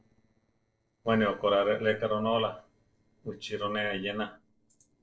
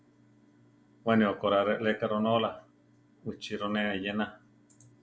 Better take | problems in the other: second | noise reduction (neural separator model SepFormer DNS4)

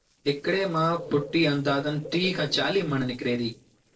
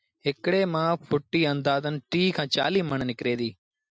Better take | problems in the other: second | noise reduction (neural separator model SepFormer DNS4)

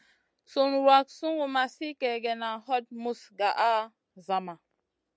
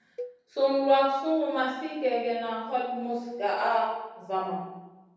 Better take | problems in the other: first | background sound (Cowbell); 18 dB below the speech // room echo; dies away in 1.1 s

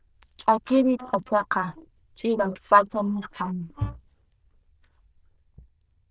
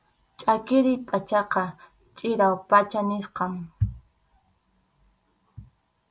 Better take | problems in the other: second | noise reduction (neural diffusion model UNIVERSE++)

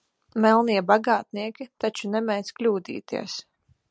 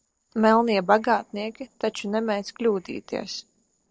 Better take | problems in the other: first | noise reduction (neural separator model SepFormer DNS4)

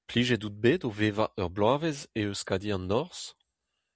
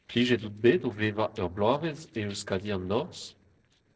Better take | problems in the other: first | noise reduction (neural separator model SepFormer DNS4)

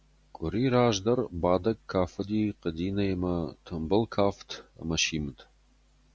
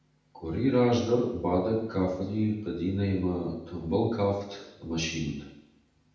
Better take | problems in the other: first | room echo; dies away in 0.8 s

